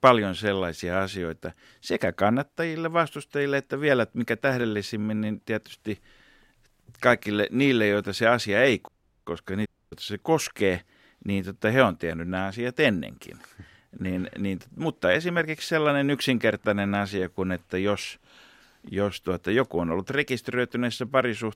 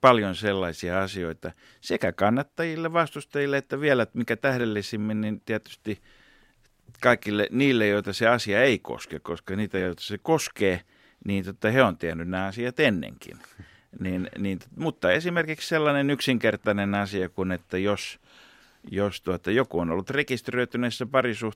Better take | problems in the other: second | audio cutting out; at 9 s and at 9.5 s

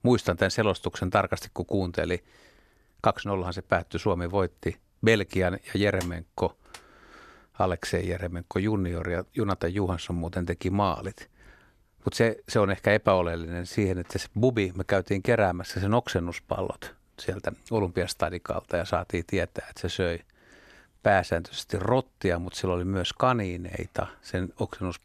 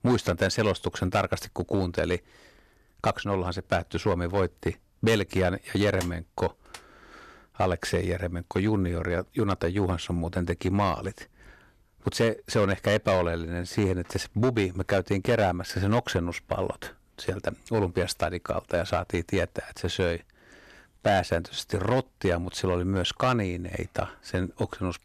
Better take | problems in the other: first | distortion; slight; 3% of the sound clipped

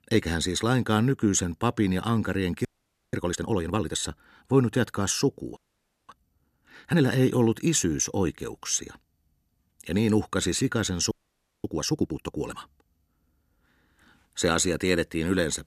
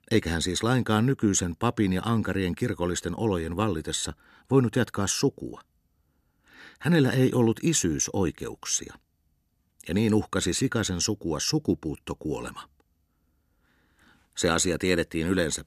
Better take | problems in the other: second | audio freezing; at 2.5 s, at 5.5 s for 0.5 s and at 11 s for 0.5 s

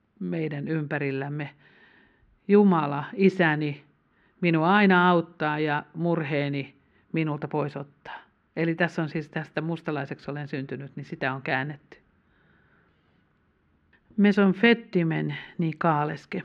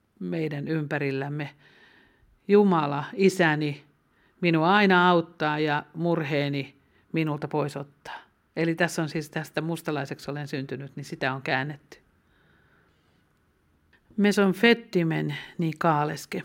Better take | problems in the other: second | muffled; slightly; fading above 2.5 kHz

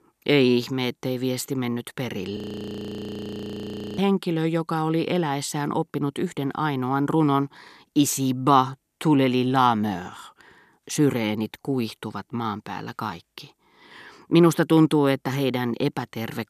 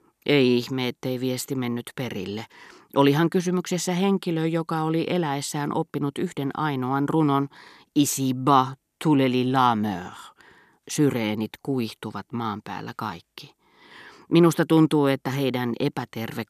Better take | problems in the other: second | audio freezing; at 2.5 s for 1.5 s

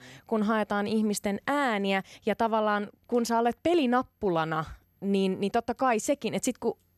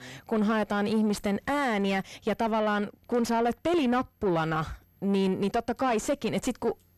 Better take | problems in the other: first | distortion; slight; 9 dB below the speech

